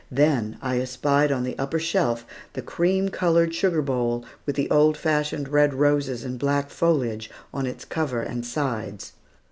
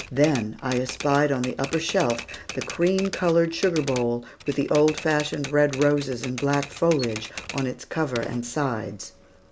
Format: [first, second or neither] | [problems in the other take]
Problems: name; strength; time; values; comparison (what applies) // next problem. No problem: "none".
first | background sound (Typewriter); 14 dB below the speech